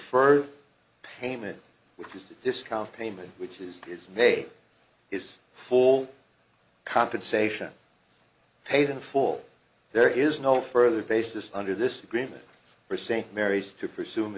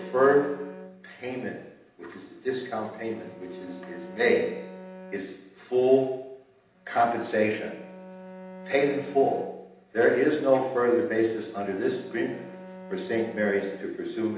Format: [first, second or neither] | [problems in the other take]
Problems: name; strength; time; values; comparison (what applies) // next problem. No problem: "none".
first | background sound (Bowed string instrument); 18 dB below the speech // room echo; dies away in 0.8 s